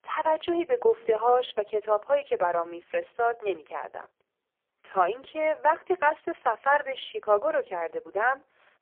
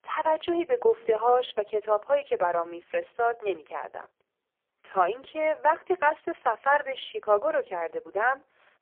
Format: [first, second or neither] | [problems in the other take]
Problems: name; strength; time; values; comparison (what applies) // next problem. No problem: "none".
neither | phone-call audio; poor line; nothing above 3.5 kHz; the same in both